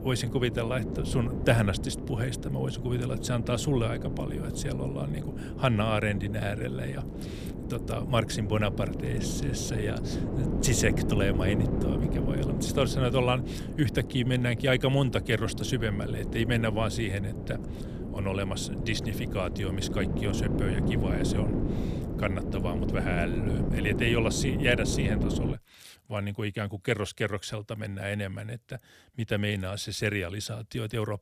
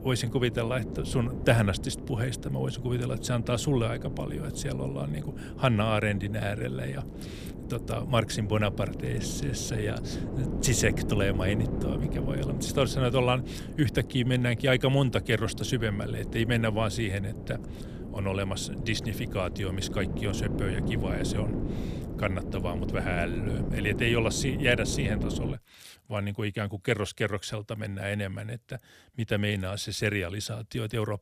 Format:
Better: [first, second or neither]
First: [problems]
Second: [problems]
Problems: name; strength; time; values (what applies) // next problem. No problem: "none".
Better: second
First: wind noise on the microphone; heavy; until 26 s; 7 dB below the speech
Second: wind noise on the microphone; occasional gusts; until 26 s; 10 dB below the speech